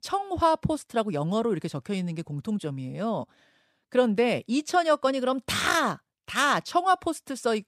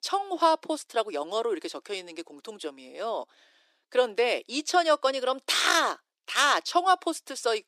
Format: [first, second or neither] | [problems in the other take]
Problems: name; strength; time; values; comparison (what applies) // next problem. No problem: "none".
first | thin; very; fading below 350 Hz